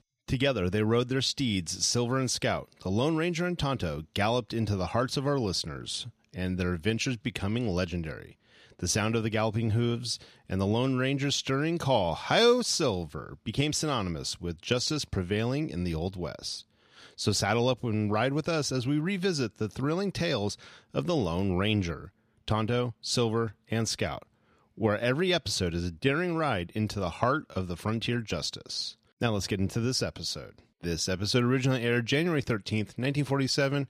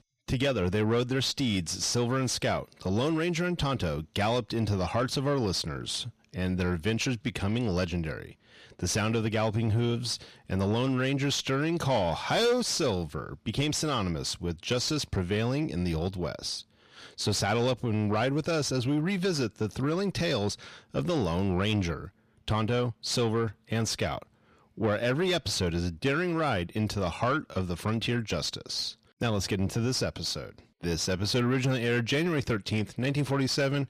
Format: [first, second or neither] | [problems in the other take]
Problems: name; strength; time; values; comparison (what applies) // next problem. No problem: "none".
first | distortion; slight; 10 dB below the speech